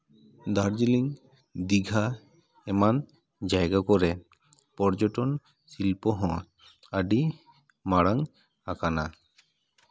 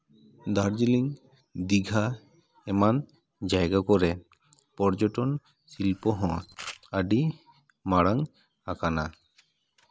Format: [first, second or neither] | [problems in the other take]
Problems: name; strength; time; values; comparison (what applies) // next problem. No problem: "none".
first | background sound (Camera); 18 dB below the speech